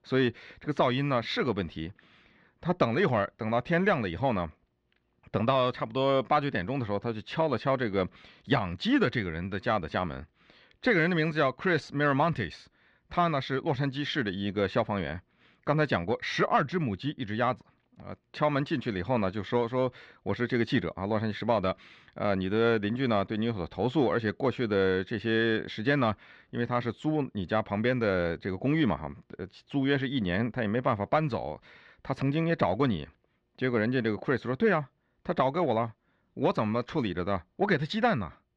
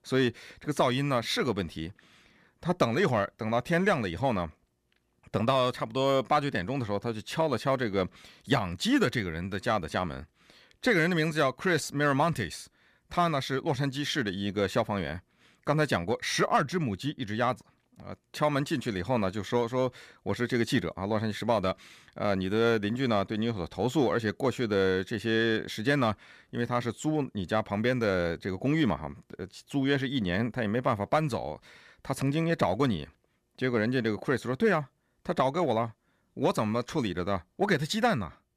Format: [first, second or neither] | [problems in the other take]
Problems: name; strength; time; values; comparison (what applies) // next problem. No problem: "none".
second | muffled; very slightly; fading above 4 kHz